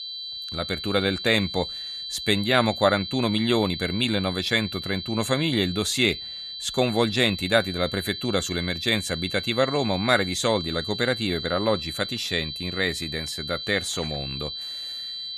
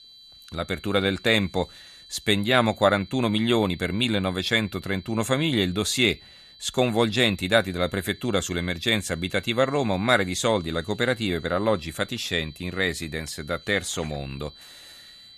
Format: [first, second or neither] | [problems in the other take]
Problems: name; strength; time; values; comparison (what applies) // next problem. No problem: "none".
second | high-pitched whine; loud; throughout; 4 kHz, 7 dB below the speech; faint in the second